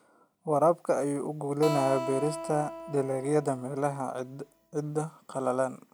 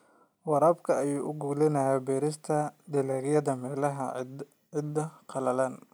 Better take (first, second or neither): second